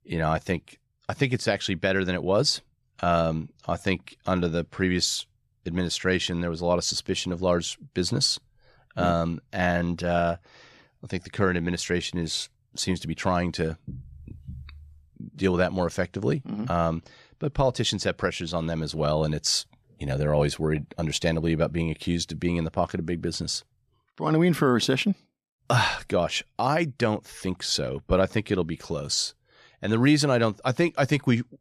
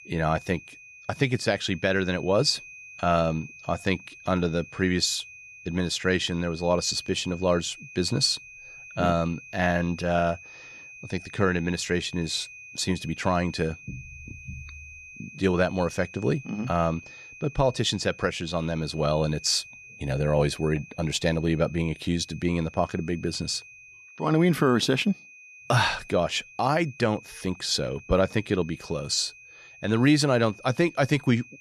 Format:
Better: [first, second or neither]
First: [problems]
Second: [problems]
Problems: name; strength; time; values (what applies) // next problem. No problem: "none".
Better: first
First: none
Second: high-pitched whine; noticeable; throughout; 2.5 kHz, 20 dB below the speech